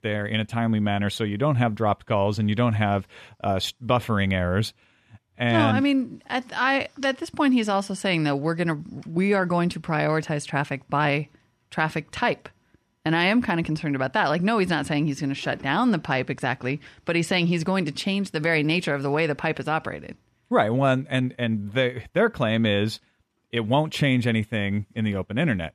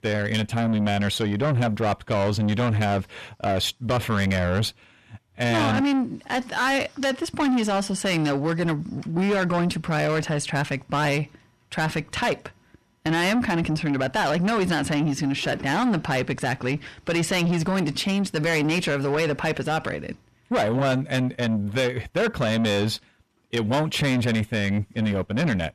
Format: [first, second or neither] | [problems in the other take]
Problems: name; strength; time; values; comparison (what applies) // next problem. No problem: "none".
first | distortion; heavy; 7 dB below the speech